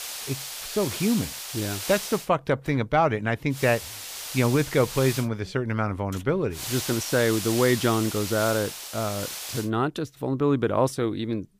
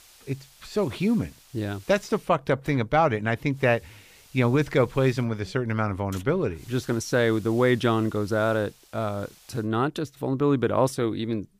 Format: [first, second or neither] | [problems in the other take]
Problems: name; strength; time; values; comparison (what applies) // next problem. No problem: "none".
second | hiss; loud; until 2 s, from 3.5 to 5 s and from 6.5 to 9.5 s; 7 dB below the speech; faint in the second